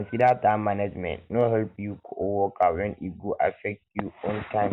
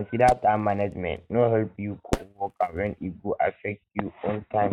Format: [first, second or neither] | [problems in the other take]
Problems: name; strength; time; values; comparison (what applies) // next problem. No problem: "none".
first | noise reduction (neural mask model RNNoise)